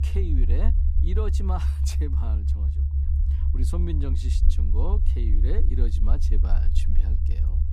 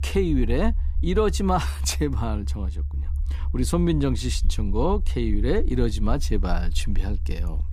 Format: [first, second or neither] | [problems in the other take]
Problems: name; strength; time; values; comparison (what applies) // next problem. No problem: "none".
second | low rumble; loud; throughout; 4 dB below the speech; faint in the second